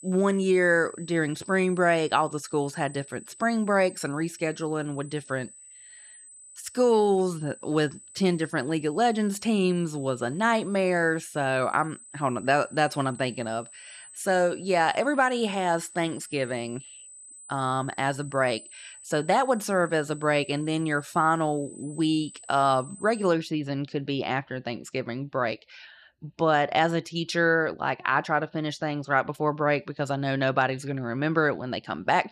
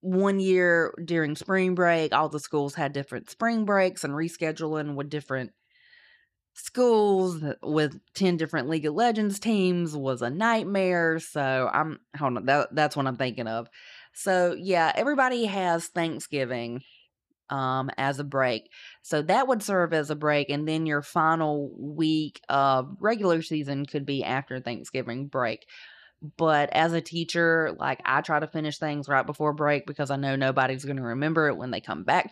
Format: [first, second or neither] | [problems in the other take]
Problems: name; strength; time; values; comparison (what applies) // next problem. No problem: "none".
second | high-pitched whine; noticeable; until 23 s; 8 kHz, 20 dB below the speech